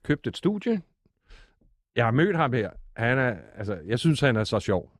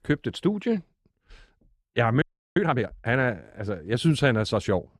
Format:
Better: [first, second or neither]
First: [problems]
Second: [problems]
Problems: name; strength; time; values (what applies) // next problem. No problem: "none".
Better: first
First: none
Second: audio freezing; at 2 s